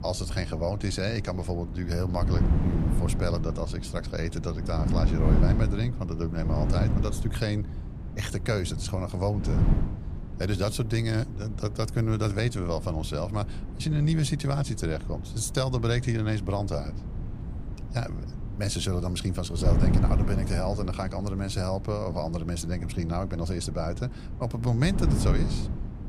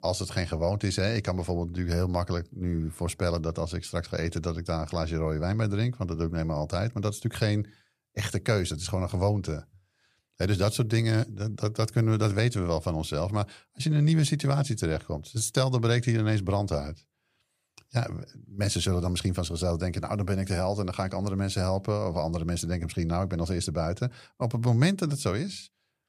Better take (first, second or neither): second